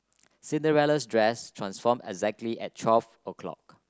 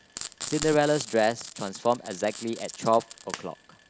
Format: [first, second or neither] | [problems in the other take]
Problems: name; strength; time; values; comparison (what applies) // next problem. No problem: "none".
first | background sound (Frying (food)); 12 dB below the speech